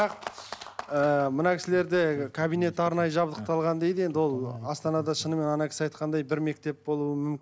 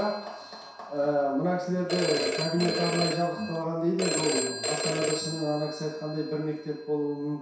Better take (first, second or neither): first